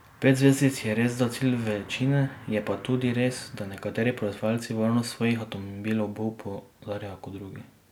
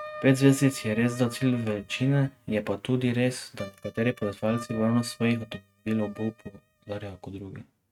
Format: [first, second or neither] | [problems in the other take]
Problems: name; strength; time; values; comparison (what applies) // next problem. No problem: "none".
first | noise reduction (neural mask model RNNoise)